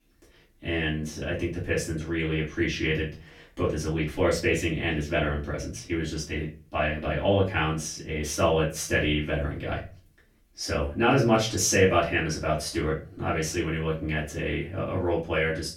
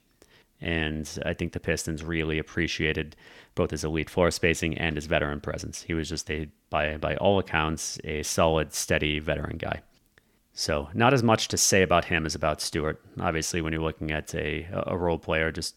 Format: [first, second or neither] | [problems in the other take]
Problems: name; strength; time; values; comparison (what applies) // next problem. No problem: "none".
second | room echo; slight; dies away in 0.3 s // off-mic speech; far